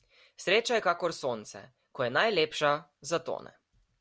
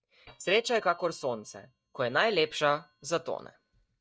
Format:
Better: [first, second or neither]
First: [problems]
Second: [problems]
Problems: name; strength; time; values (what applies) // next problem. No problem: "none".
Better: first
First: none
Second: noise reduction (neural mask model DeepFilterNet 3)